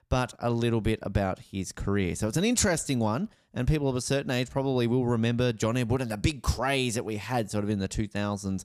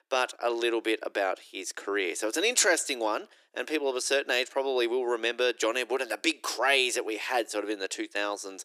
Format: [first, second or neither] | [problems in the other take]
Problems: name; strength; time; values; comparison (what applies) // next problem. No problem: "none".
first | thin; very; fading below 300 Hz